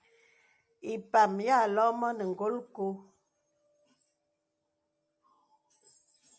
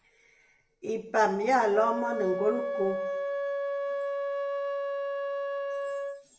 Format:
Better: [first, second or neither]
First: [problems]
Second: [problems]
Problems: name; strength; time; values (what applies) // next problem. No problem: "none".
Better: first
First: none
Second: background sound (Wind instrument, woodwind instrument); 2 dB below the speech // room echo; dies away in 0.6 s